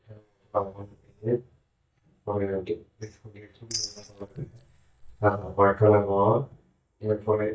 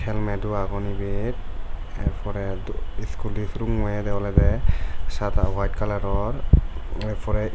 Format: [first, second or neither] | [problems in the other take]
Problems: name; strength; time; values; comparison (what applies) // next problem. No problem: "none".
second | noise reduction (neural mask model DeepFilterNet 3)